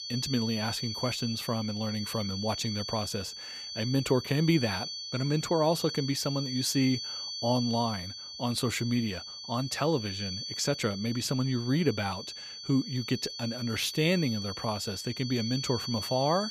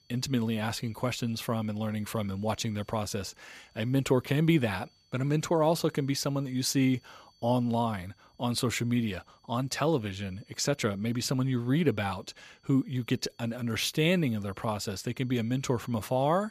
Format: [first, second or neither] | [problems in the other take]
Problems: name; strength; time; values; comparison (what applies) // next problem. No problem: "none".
second | high-pitched whine; loud; throughout; 4.5 kHz, 6 dB below the speech; faint in the second